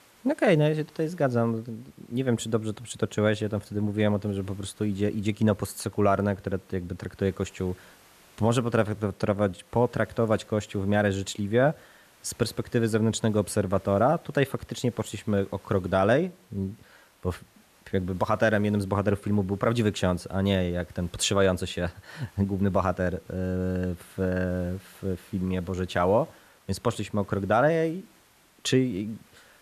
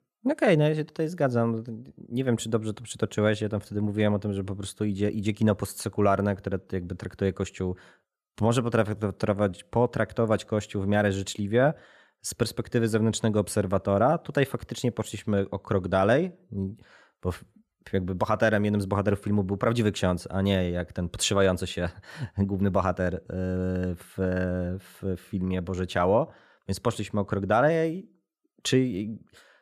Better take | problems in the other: second | hiss; faint; throughout; 30 dB below the speech

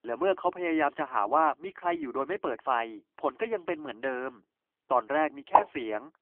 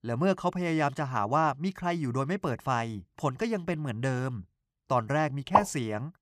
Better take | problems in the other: second | phone-call audio; poor line

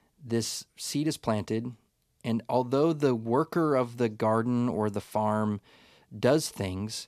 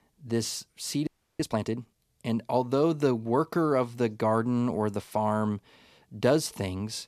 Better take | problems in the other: first | audio freezing; at 1 s

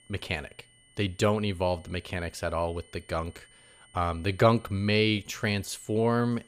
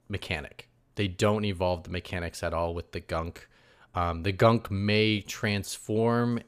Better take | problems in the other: second | high-pitched whine; faint; throughout; 3 kHz, 30 dB below the speech

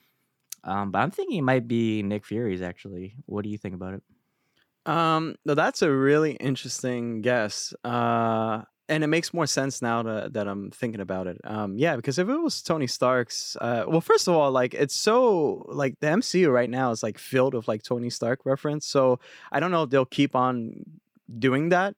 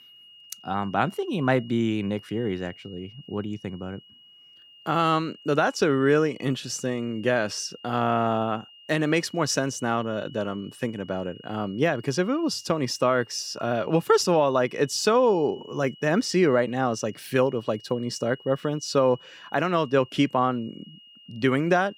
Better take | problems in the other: first | high-pitched whine; faint; throughout; 3 kHz, 25 dB below the speech

